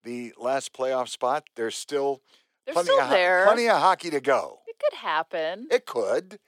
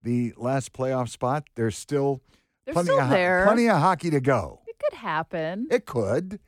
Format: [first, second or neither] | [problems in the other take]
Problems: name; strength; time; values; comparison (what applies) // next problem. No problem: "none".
second | thin; somewhat; fading below 500 Hz